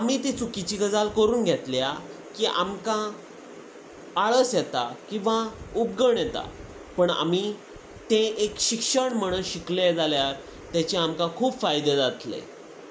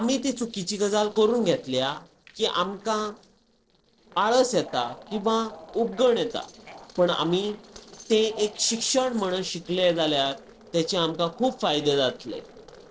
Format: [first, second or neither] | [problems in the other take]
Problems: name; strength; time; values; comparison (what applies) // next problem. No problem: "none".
first | noise reduction (neural separator model SepFormer DNS4)